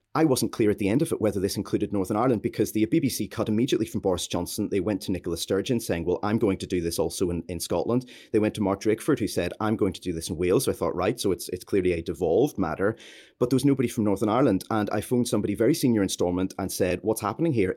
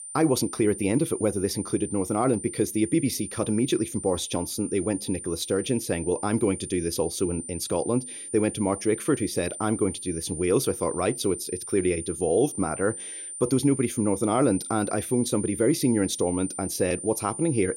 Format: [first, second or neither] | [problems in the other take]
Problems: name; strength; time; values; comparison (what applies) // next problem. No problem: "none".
first | high-pitched whine; loud; throughout; 9 kHz, 9 dB below the speech